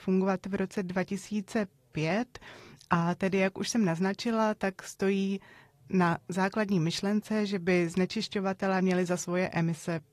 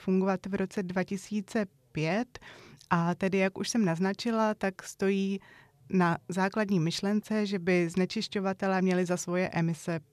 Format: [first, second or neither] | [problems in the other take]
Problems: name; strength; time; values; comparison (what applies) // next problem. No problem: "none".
second | garbled, watery; slightly; nothing above 14.5 kHz